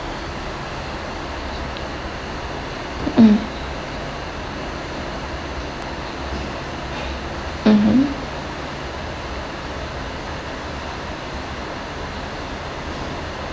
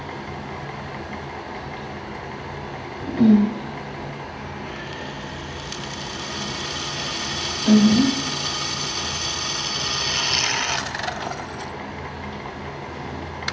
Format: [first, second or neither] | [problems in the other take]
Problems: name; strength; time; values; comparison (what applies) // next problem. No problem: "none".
first | background sound (Drill); 3 dB below the speech // room echo; dies away in 0.8 s